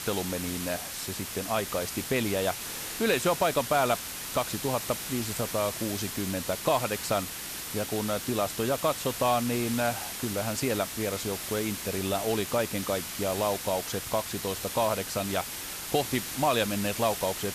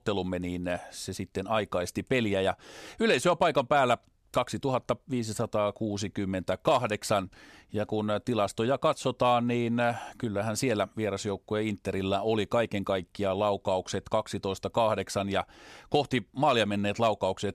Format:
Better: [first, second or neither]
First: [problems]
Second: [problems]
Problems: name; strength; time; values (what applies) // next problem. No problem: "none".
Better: second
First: hiss; loud; throughout; 4 dB below the speech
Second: none